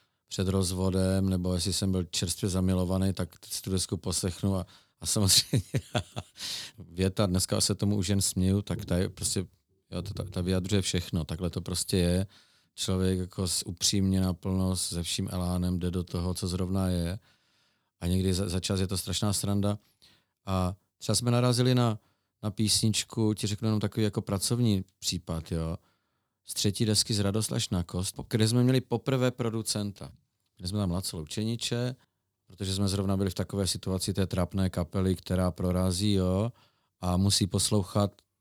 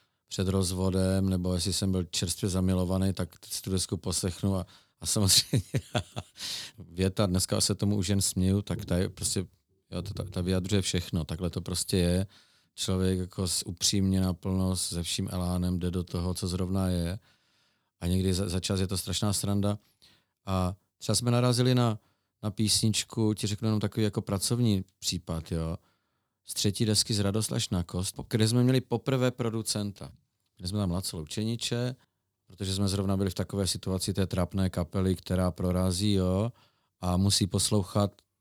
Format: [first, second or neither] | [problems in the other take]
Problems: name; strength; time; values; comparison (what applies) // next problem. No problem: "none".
neither | none